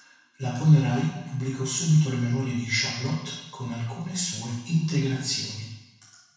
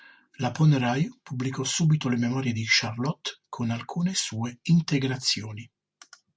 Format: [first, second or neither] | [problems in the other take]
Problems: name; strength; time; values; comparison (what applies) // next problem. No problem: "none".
second | room echo; dies away in 1 s